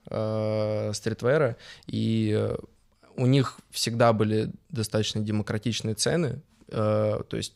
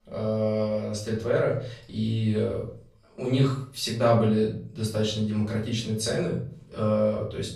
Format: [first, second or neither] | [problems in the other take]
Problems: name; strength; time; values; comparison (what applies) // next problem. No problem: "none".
first | off-mic speech; far // room echo; slight; dies away in 0.4 s